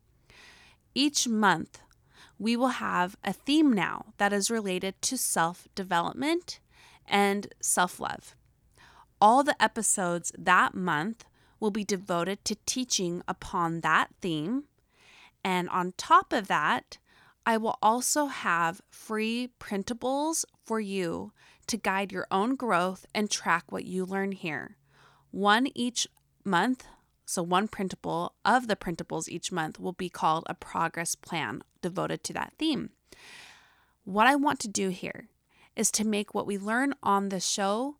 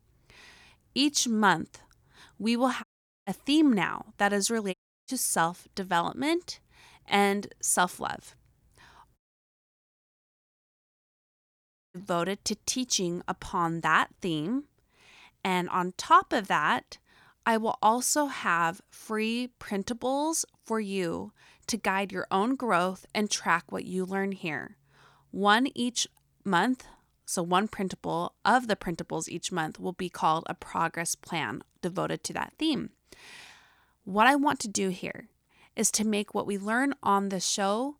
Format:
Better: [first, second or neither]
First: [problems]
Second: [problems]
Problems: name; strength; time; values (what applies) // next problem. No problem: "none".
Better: first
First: none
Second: audio cutting out; at 3 s, at 4.5 s and at 9 s for 3 s